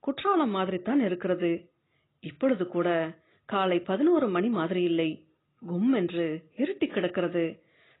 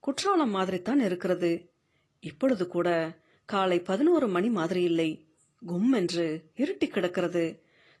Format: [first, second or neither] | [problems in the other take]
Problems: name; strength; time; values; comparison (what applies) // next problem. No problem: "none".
second | garbled, watery; badly; nothing above 4 kHz; slightly in the second